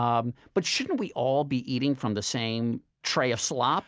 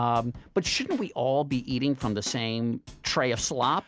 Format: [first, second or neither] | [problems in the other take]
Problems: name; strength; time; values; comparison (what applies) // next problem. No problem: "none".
first | background sound (Drum / Drum kit); 17 dB below the speech